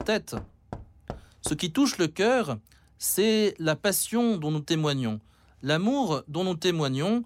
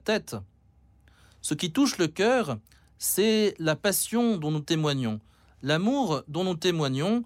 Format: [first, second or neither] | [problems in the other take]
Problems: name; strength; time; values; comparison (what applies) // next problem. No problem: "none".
second | door banging; faint; until 1.5 s; peak 15 dB below the speech